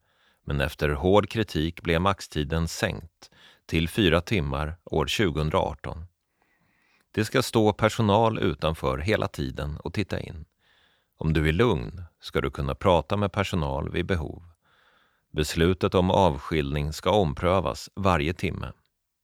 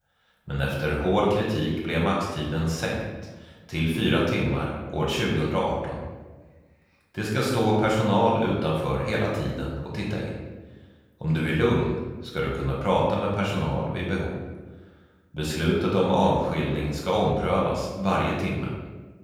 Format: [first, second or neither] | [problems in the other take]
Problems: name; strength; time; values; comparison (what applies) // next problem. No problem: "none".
first | room echo; noticeable; dies away in 1 s // off-mic speech; far